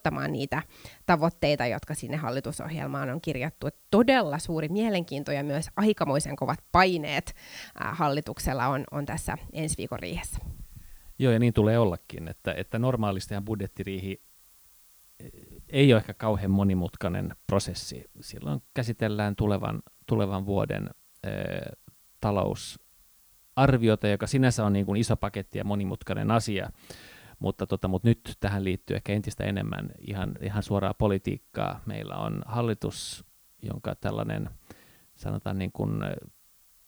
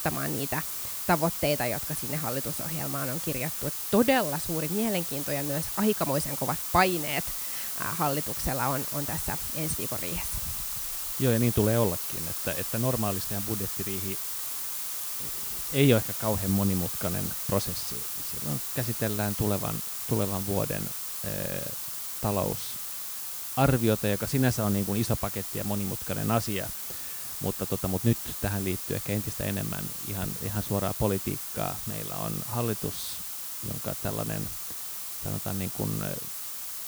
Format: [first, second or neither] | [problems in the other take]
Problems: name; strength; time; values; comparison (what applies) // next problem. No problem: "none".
first | hiss; loud; throughout; 1 dB below the speech; faint in the first